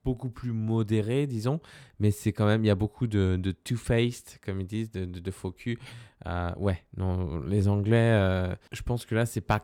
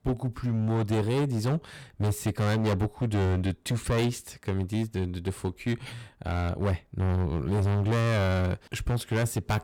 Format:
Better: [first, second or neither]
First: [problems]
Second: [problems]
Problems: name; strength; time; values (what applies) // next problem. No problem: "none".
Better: first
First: none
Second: distortion; heavy; 20% of the sound clipped